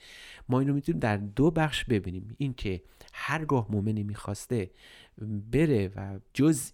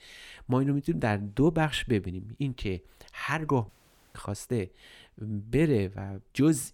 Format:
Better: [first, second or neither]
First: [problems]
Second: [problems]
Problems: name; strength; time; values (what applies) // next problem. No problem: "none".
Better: first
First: none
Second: audio cutting out; at 3.5 s